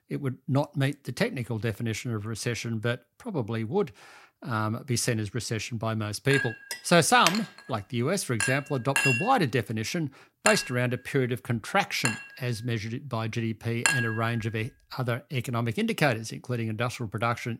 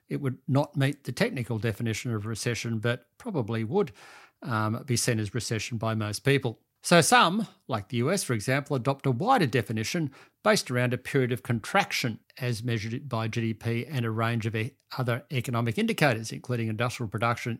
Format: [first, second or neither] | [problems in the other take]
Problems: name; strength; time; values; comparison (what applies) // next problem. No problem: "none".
second | clattering dishes; loud; from 6.5 to 14 s; peak 4 dB above the speech